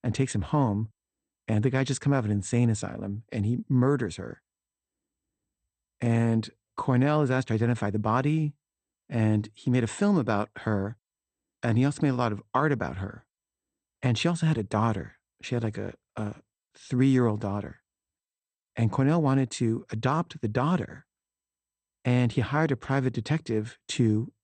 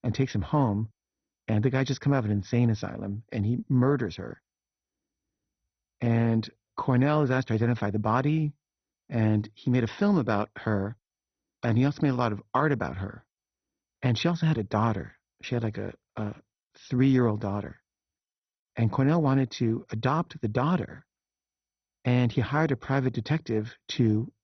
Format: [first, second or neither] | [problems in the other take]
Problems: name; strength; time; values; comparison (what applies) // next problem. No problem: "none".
first | garbled, watery; badly; nothing above 6 kHz; slightly in the first